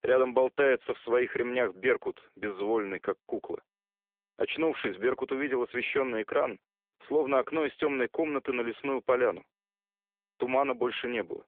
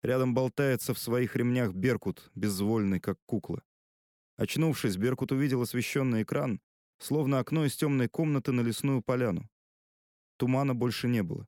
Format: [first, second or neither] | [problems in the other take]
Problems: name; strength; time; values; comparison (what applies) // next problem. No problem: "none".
second | phone-call audio; poor line